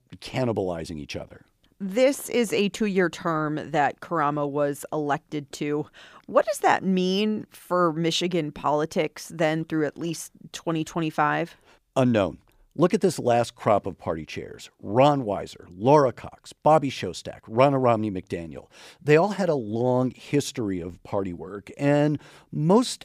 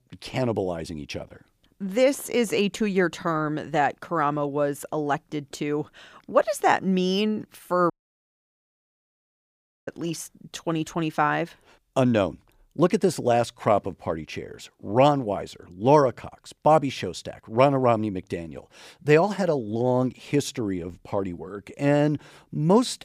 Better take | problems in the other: first | audio cutting out; at 8 s for 2 s

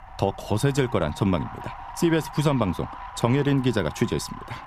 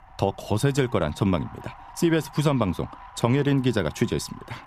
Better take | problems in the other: second | wind noise on the microphone; heavy; 10 dB below the speech; occasional gusts in the second

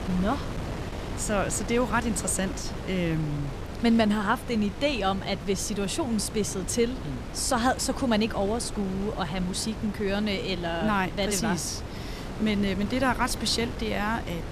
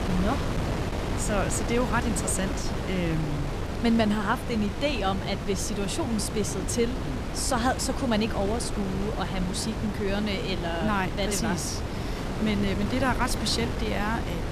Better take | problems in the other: first | wind noise on the microphone; heavy; 5 dB below the speech; occasional gusts in the first

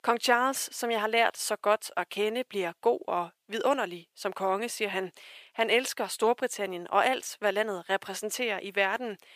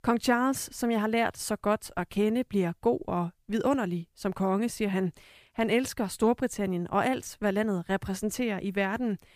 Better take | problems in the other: second | thin; somewhat; fading below 550 Hz

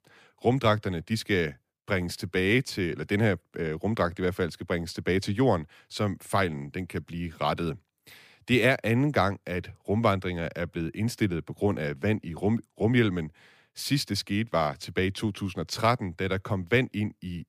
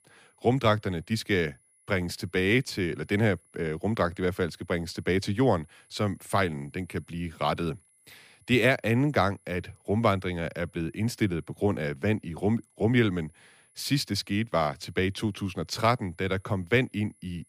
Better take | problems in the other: first | high-pitched whine; faint; throughout; 10.5 kHz, 35 dB below the speech

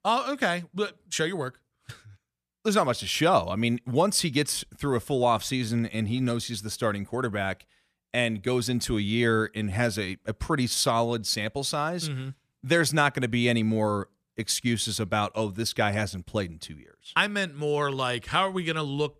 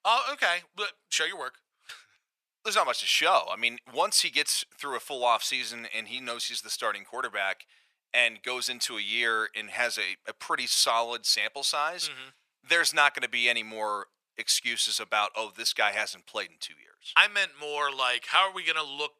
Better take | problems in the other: first | thin; very; fading below 850 Hz

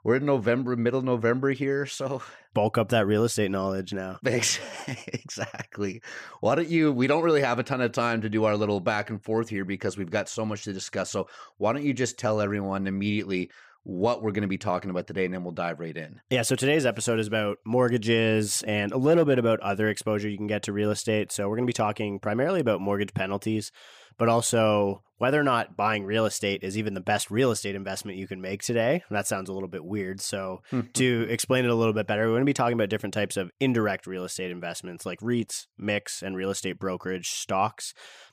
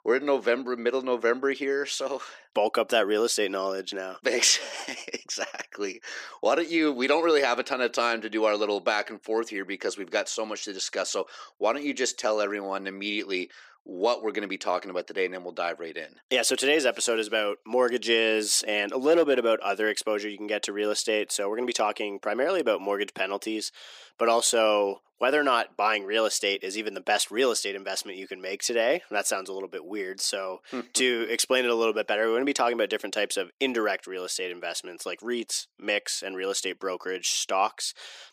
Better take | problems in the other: first | thin; somewhat; fading below 300 Hz

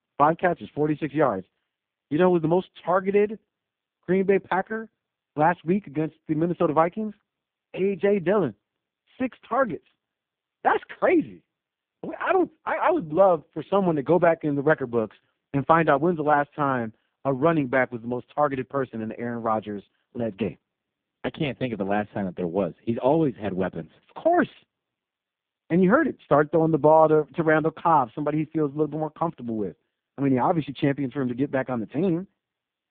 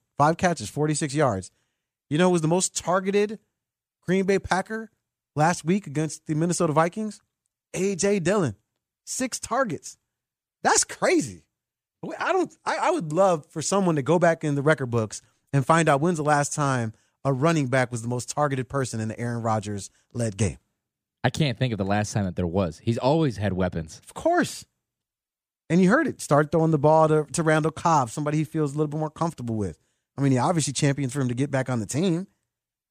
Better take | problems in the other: second | phone-call audio; poor line; nothing above 3.5 kHz

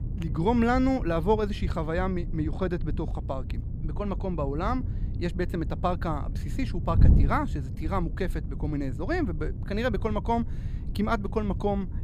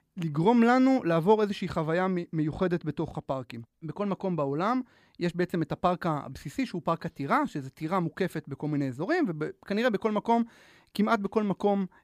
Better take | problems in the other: second | wind noise on the microphone; occasional gusts; 15 dB below the speech

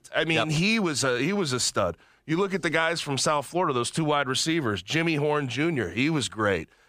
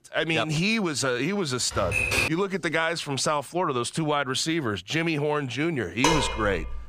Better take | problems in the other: first | keyboard typing; loud; at 1.5 s; peak 3 dB above the speech // clattering dishes; loud; at 6 s; peak 2 dB above the speech

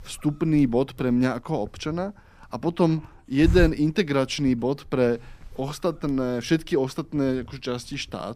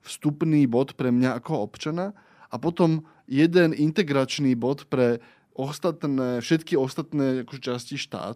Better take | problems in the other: second | hiss; loud; throughout; 9 dB below the speech

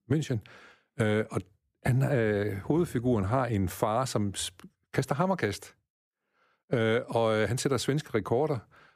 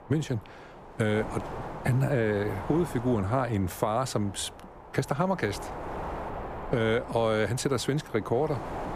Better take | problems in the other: first | wind noise on the microphone; heavy; 10 dB below the speech

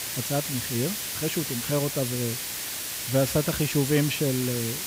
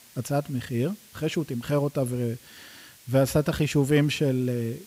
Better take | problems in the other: second | hiss; loud; throughout; 2 dB below the speech; faint in the second

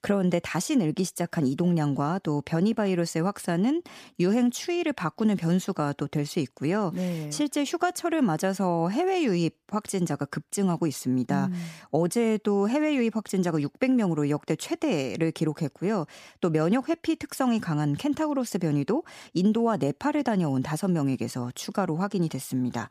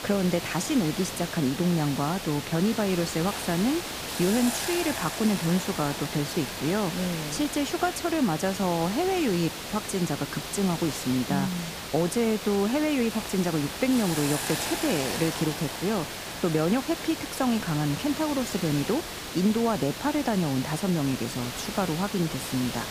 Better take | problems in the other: first | hiss; loud; throughout; 6 dB below the speech

